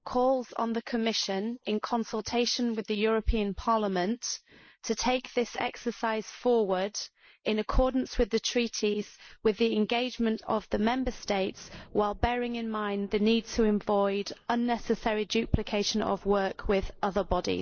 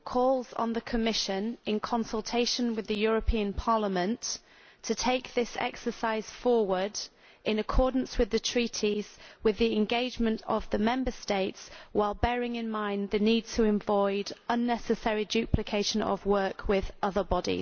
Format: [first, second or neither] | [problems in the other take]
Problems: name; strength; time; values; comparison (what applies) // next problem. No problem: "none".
second | noise reduction (neural mask model Resemble Enhance denoiser)